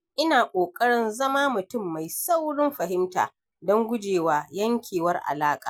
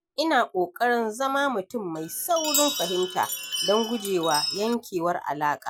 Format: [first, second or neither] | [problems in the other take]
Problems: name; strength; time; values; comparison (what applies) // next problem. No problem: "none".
first | background sound (Chime); 4 dB below the speech